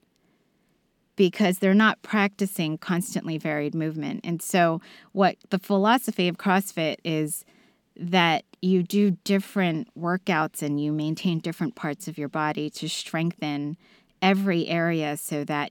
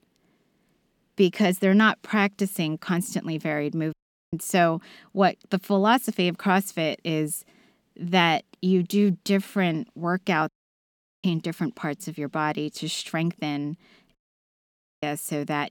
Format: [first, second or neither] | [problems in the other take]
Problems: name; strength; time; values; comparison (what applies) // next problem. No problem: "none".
first | audio cutting out; at 4 s, at 10 s for 1 s and at 14 s for 1 s